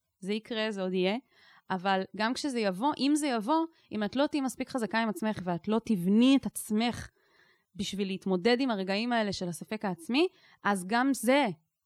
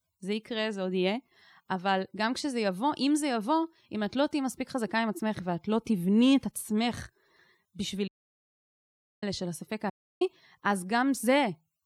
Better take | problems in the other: first | audio cutting out; at 8 s for 1 s and at 10 s

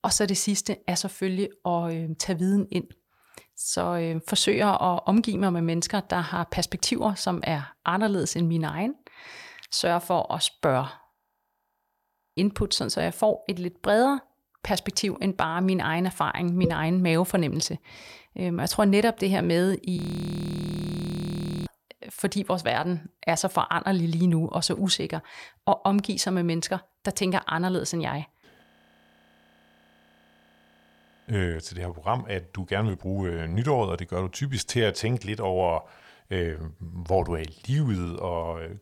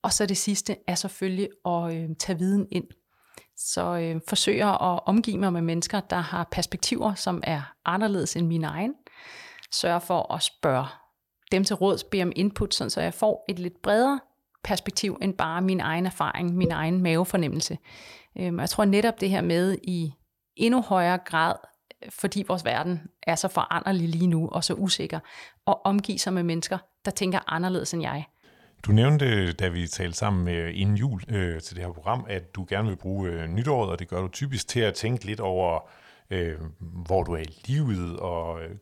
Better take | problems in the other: second | audio freezing; at 11 s for 1 s, at 20 s for 1.5 s and at 29 s for 2.5 s

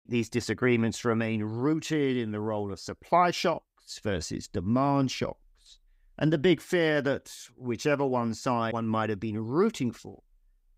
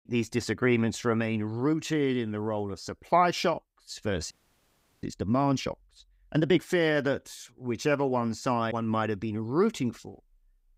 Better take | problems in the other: first | audio freezing; at 4.5 s for 0.5 s

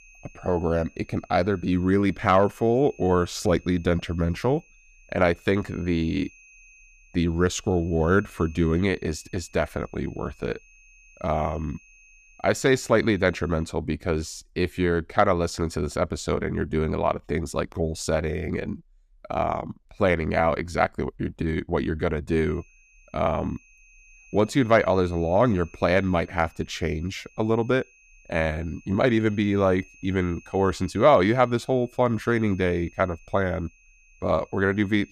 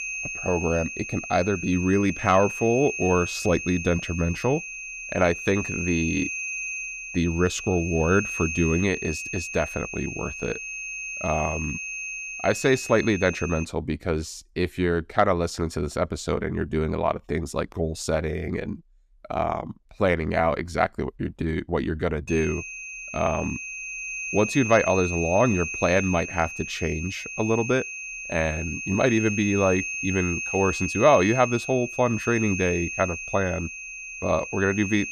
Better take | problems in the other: first | high-pitched whine; loud; until 14 s and from 22 s on; 2.5 kHz, 6 dB below the speech; faint in the first

